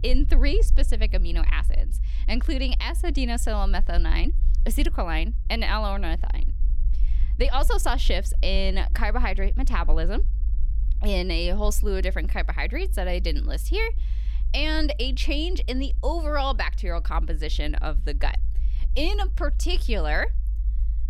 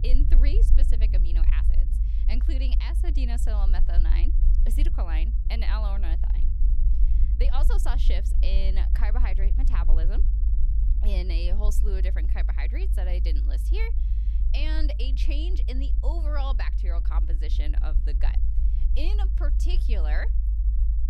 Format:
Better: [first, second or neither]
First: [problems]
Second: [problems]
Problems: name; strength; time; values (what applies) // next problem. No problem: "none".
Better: first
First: low rumble; faint; throughout; 20 dB below the speech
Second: low rumble; loud; throughout; 8 dB below the speech